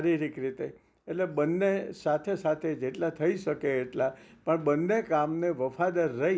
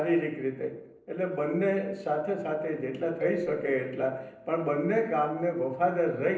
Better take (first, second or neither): first